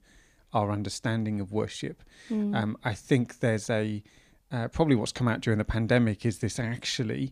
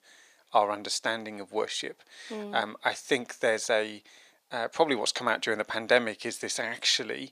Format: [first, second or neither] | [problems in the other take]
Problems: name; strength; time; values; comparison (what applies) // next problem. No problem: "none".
first | thin; very; fading below 600 Hz